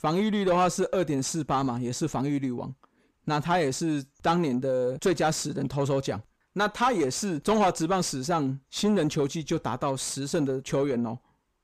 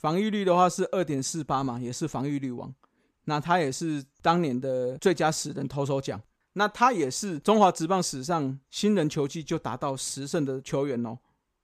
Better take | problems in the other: second | distortion; slight; 10 dB below the speech

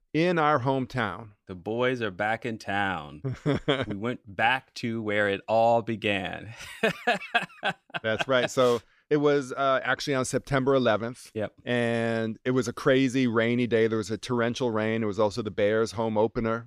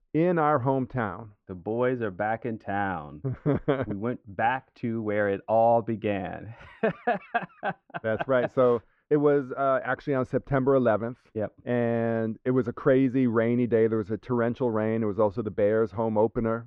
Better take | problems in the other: first | muffled; very; fading above 3.5 kHz

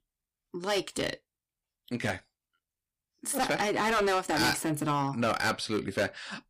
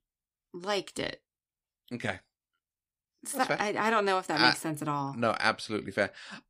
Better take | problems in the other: second | distortion; heavy; 8% of the sound clipped

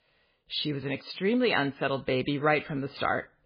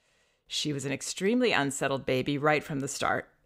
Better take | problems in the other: second | garbled, watery; badly; nothing above 4.5 kHz

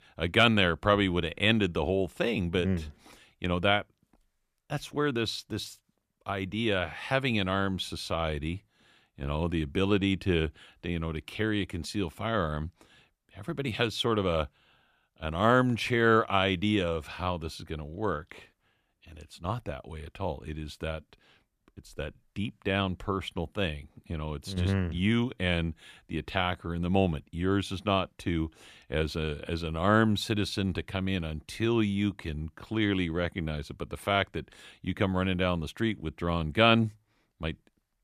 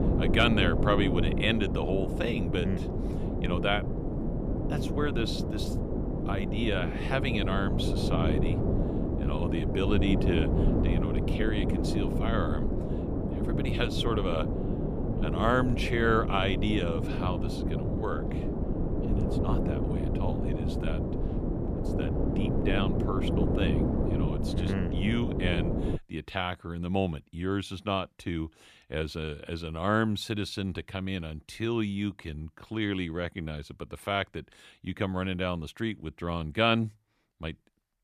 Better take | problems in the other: first | wind noise on the microphone; heavy; until 26 s; 4 dB below the speech

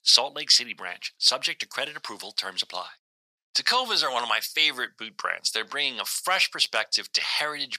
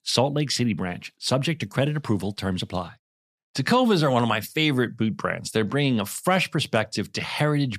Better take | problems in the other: second | thin; very; fading below 950 Hz

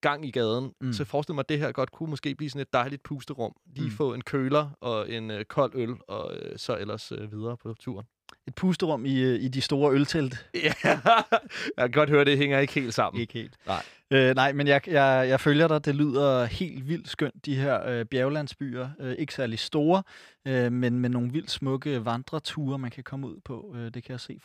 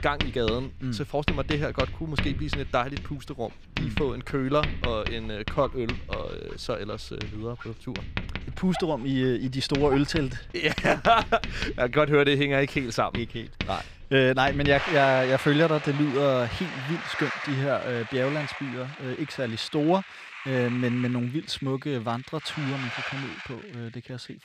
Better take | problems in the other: first | household noises; loud; throughout; 8 dB below the speech

